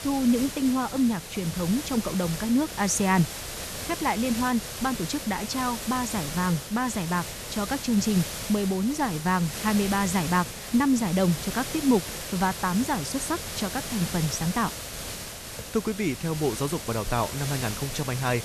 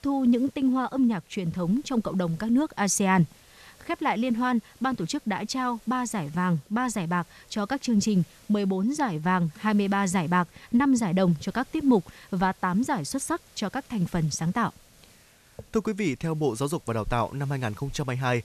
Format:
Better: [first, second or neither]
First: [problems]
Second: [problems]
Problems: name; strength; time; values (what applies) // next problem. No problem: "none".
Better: second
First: hiss; loud; throughout; 7 dB below the speech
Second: hiss; faint; throughout; 30 dB below the speech